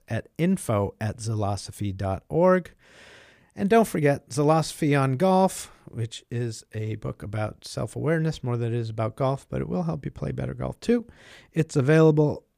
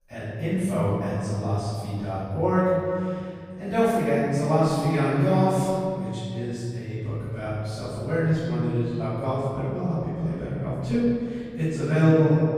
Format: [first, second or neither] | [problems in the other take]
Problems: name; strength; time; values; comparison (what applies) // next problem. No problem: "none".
first | off-mic speech; far // room echo; strong; dies away in 2.2 s